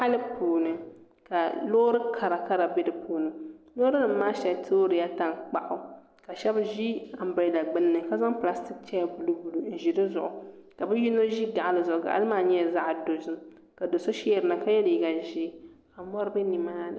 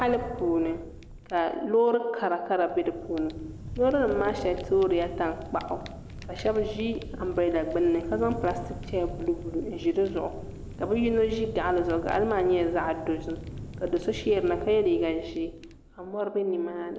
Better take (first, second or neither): first